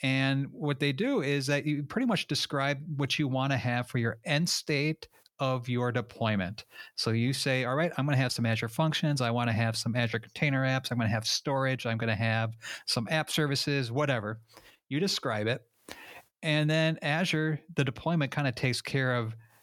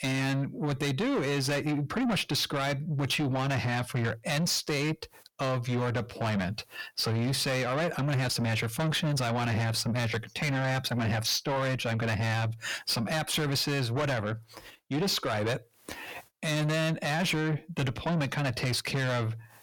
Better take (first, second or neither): first